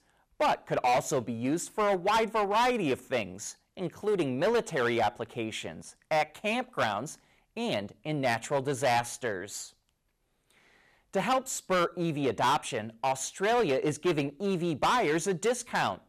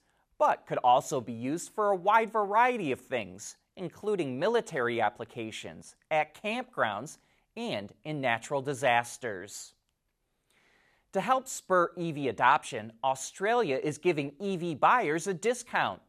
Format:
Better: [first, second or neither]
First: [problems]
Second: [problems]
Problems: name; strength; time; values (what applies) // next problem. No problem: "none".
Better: second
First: distortion; heavy; 8% of the sound clipped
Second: none